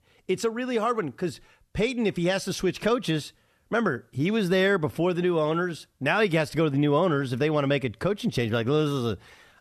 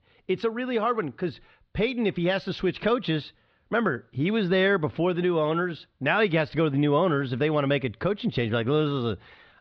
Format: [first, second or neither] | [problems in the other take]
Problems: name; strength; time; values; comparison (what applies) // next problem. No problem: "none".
first | muffled; slightly; fading above 4 kHz